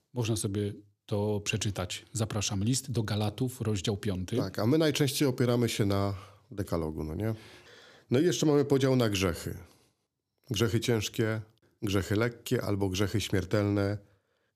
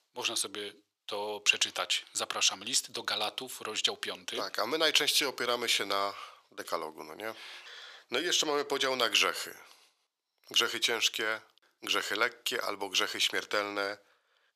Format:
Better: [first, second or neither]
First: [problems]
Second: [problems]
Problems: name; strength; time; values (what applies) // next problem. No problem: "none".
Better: first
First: none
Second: thin; very; fading below 750 Hz